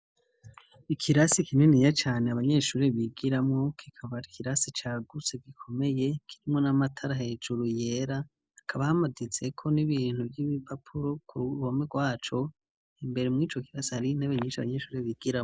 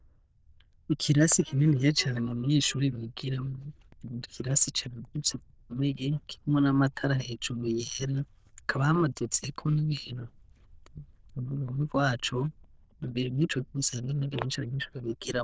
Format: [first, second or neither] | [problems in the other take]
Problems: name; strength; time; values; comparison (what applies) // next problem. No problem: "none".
first | noise reduction (neural diffusion model UNIVERSE++)